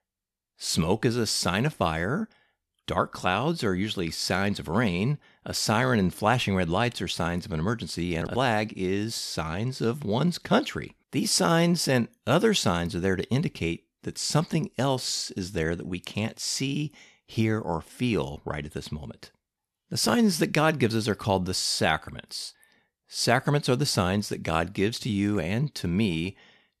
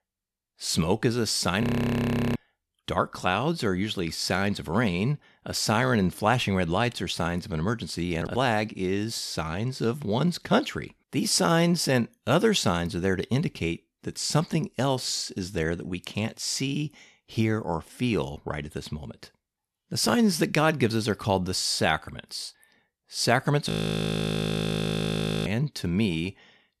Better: first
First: none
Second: audio freezing; at 1.5 s for 0.5 s and at 24 s for 2 s

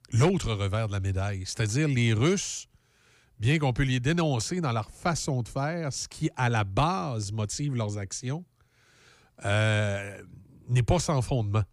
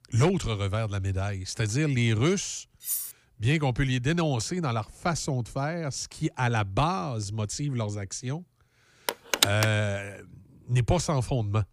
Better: first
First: none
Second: clattering dishes; noticeable; at 3 s; peak 2 dB below the speech // phone ringing; loud; at 9 s; peak 4 dB above the speech

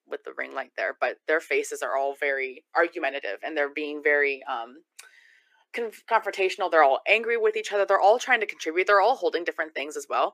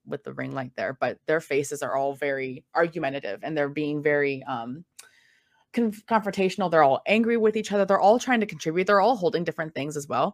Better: second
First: thin; very; fading below 350 Hz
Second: none

